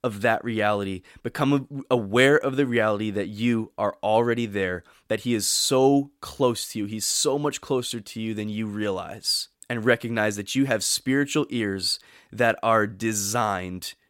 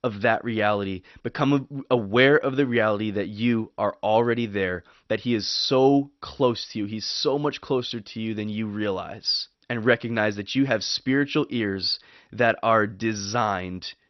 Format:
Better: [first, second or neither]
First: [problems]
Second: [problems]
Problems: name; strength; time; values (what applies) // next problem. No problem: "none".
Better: first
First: none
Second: garbled, watery; slightly; nothing above 6 kHz